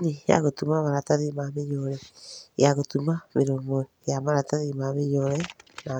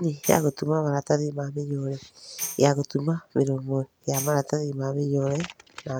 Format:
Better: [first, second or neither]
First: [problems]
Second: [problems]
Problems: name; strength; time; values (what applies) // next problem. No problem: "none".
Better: first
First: none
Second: background sound (Tambourine); 14 dB below the speech